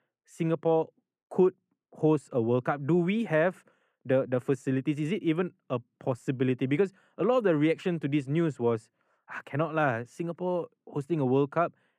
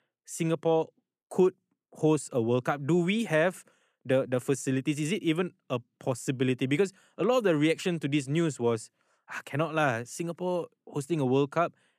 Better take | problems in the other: second | muffled; slightly; fading above 3 kHz

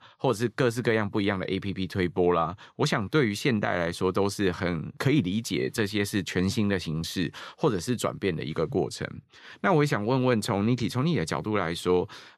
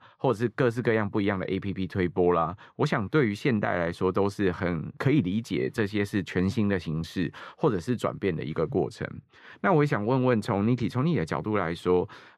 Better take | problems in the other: first | muffled; slightly; fading above 3 kHz

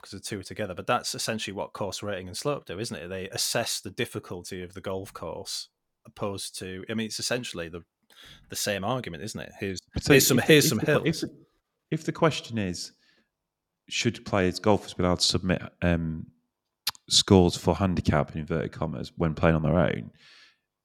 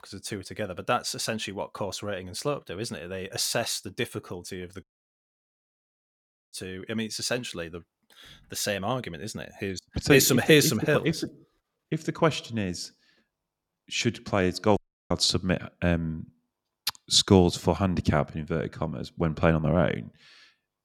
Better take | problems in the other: first | audio cutting out; at 5 s for 1.5 s and at 15 s

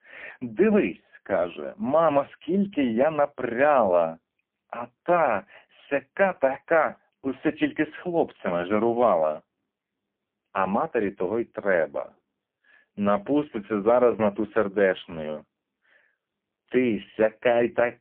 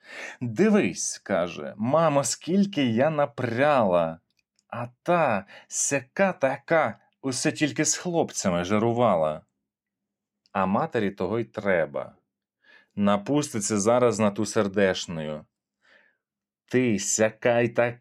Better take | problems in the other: second | phone-call audio; poor line

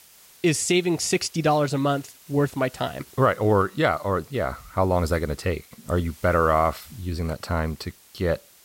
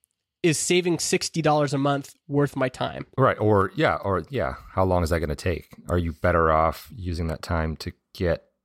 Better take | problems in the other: second | hiss; faint; throughout; 25 dB below the speech

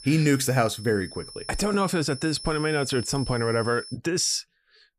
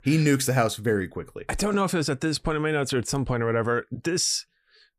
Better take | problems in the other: second | high-pitched whine; noticeable; until 4 s; 5.5 kHz, 15 dB below the speech

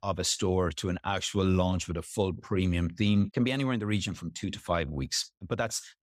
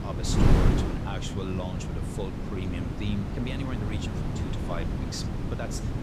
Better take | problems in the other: first | wind noise on the microphone; heavy; 1 dB above the speech

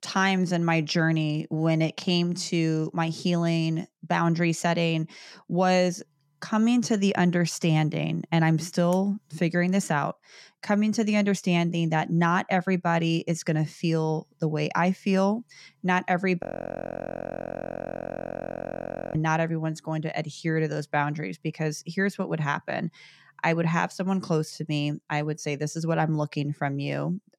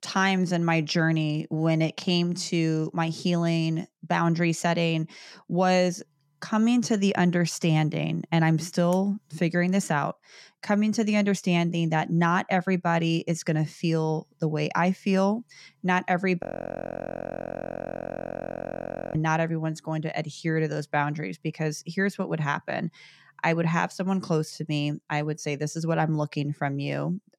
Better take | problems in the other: neither | audio freezing; at 16 s for 2.5 s; the same in both

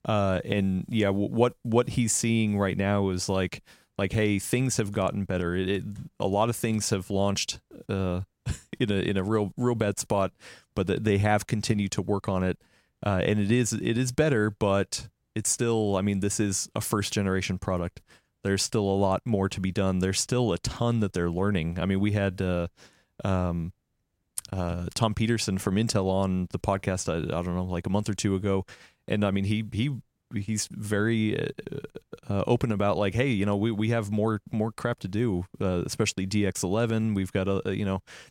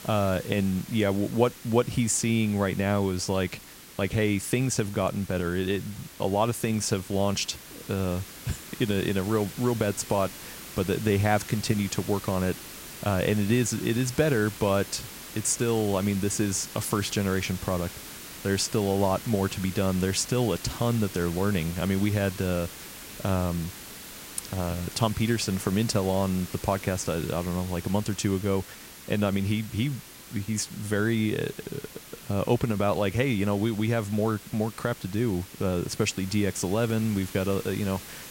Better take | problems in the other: first | hiss; noticeable; throughout; 15 dB below the speech

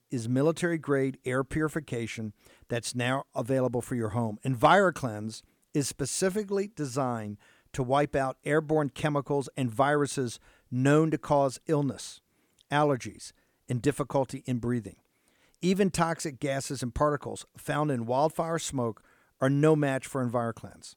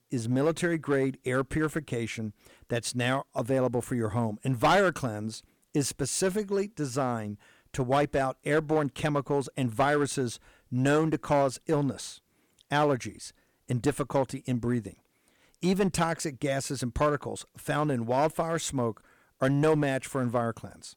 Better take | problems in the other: first | distortion; slight; 4% of the sound clipped

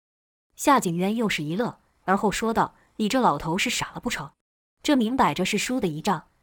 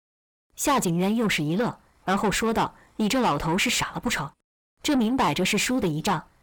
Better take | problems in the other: first | distortion; heavy; 8 dB below the speech

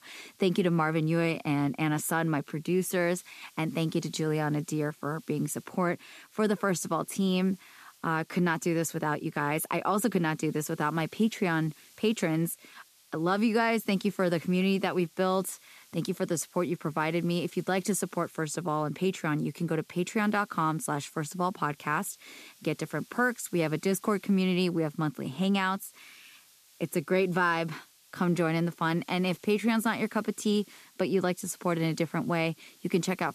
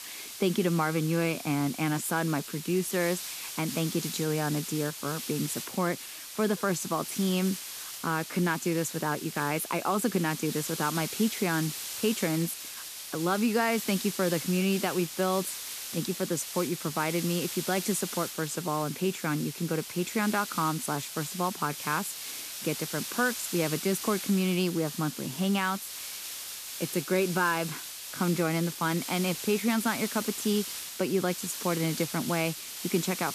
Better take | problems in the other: first | hiss; loud; throughout; 7 dB below the speech; faint in the first

